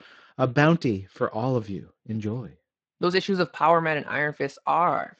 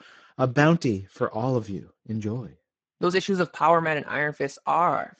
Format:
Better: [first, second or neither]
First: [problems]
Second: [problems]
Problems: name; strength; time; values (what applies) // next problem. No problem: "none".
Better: first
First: garbled, watery; slightly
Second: garbled, watery; badly; nothing above 7.5 kHz